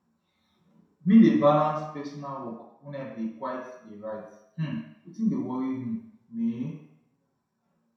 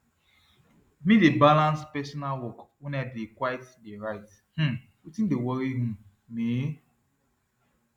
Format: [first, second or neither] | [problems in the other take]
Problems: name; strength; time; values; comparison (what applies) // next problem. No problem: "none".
second | room echo; dies away in 0.7 s